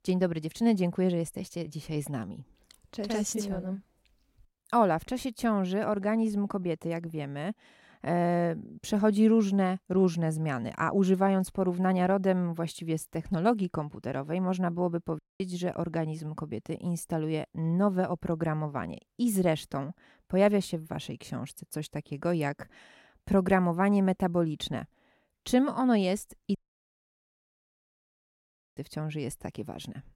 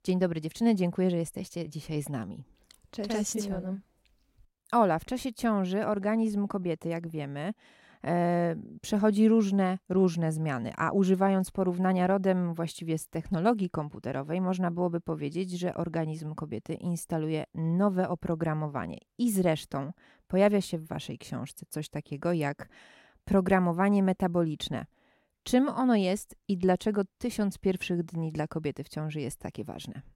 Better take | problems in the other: second | audio cutting out; at 15 s and at 27 s for 2 s

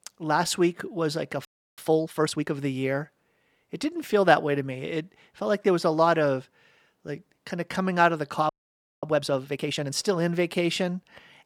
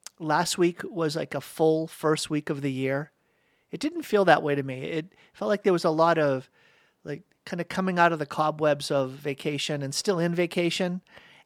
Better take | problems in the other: second | audio freezing; at 1.5 s and at 8.5 s for 0.5 s

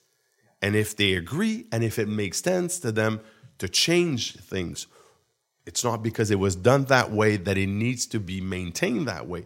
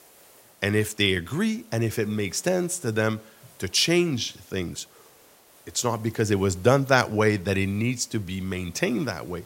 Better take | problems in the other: first | hiss; faint; throughout; 25 dB below the speech

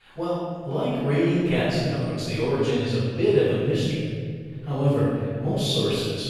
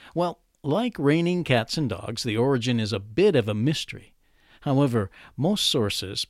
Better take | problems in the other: second | off-mic speech; far // room echo; strong; dies away in 2.2 s

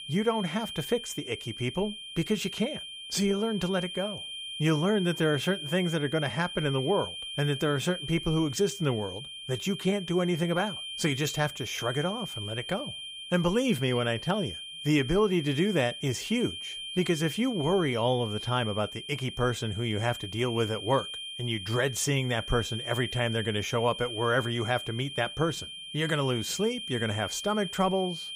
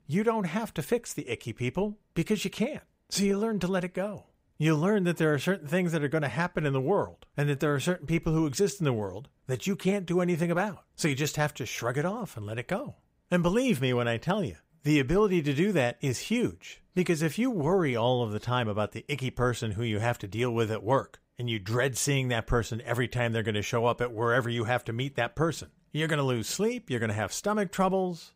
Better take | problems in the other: second | high-pitched whine; loud; throughout; 3 kHz, 8 dB below the speech

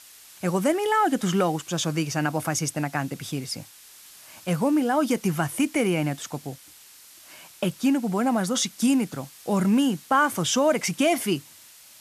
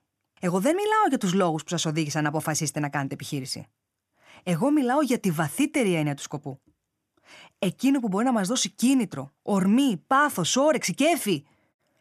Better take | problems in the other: second | hiss; faint; throughout; 20 dB below the speech

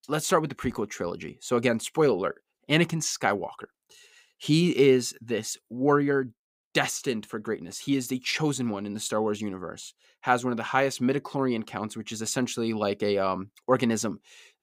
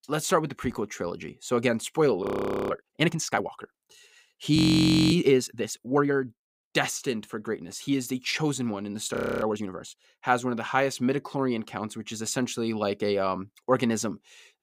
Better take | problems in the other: first | audio freezing; at 2 s, at 4.5 s for 0.5 s and at 9 s

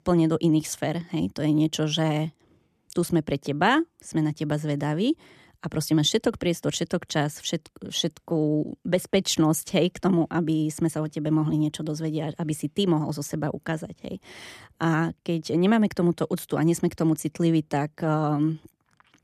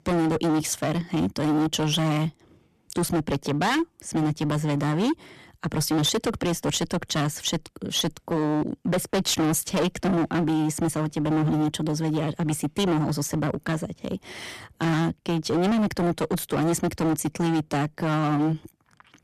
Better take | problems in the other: first | distortion; heavy; 21% of the sound clipped

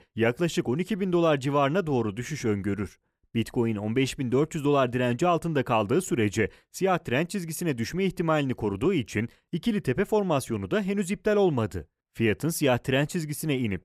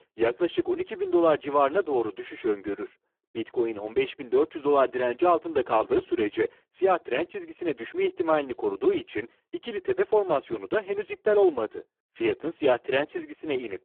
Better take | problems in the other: first | phone-call audio; poor line

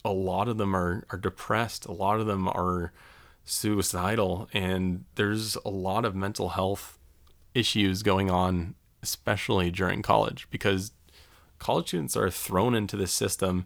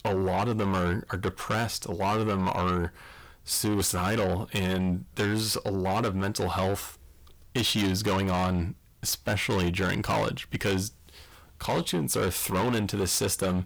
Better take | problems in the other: first | distortion; heavy; 7 dB below the speech

